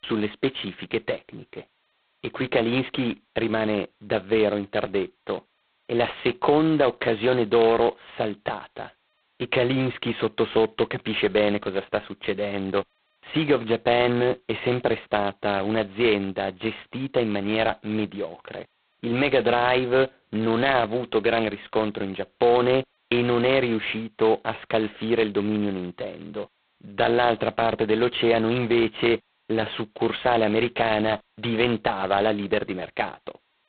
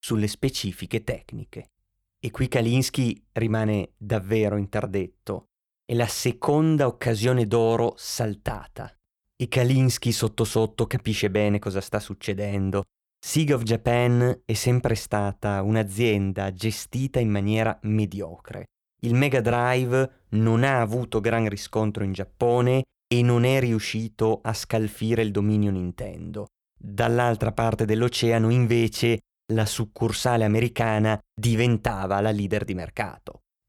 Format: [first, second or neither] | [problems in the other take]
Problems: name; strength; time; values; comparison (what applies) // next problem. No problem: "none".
second | phone-call audio; poor line; nothing above 4 kHz